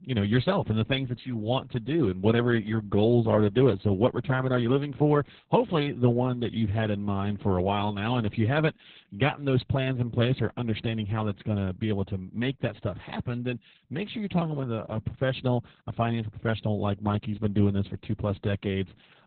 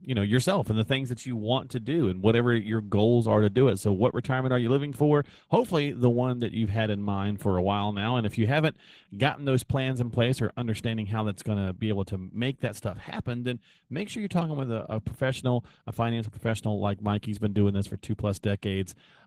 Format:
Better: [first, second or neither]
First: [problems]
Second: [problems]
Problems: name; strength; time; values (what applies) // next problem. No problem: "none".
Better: second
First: garbled, watery; badly; nothing above 3.5 kHz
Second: garbled, watery; slightly; nothing above 15.5 kHz